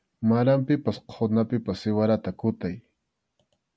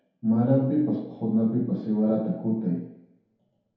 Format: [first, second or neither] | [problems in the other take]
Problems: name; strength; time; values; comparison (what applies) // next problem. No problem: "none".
first | room echo; dies away in 0.8 s